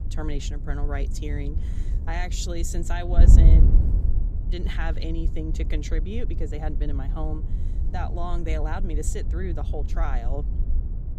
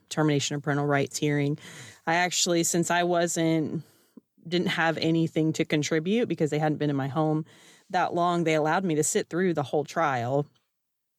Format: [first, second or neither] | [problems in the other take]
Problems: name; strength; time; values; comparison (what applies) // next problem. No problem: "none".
second | wind noise on the microphone; heavy; 7 dB below the speech